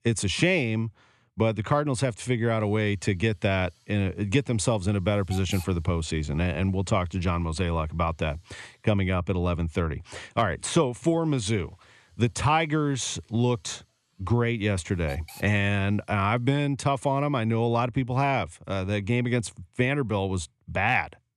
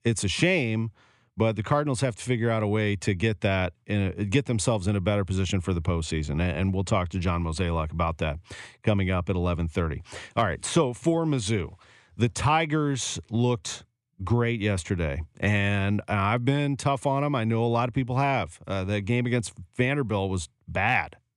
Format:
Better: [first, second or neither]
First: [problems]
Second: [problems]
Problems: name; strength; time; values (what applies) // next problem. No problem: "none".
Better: second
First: hiss; faint; from 2.5 to 9 s and from 11 to 17 s; 20 dB below the speech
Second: none